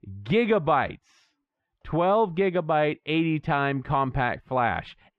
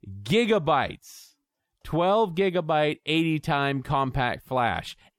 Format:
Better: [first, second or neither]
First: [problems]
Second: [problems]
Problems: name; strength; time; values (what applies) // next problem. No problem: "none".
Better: second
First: muffled; slightly; fading above 2 kHz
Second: none